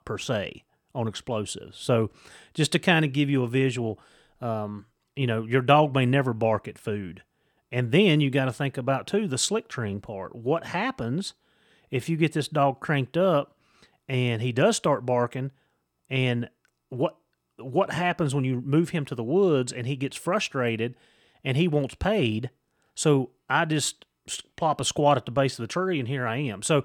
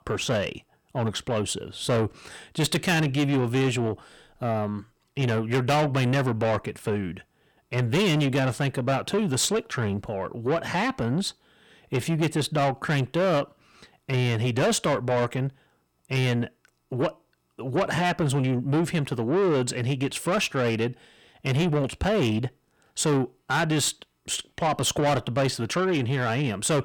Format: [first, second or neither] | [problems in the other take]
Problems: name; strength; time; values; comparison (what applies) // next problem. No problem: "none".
first | distortion; heavy; 8 dB below the speech